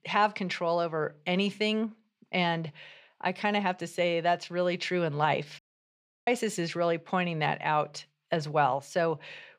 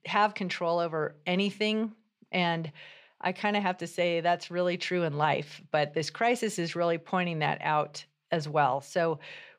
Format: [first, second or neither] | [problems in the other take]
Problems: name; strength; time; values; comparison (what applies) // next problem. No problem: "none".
second | audio cutting out; at 5.5 s for 0.5 s